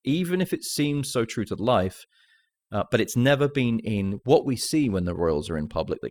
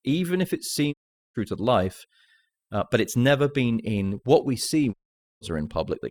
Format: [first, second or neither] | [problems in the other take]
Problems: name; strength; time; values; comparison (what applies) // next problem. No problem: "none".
first | audio cutting out; at 1 s and at 5 s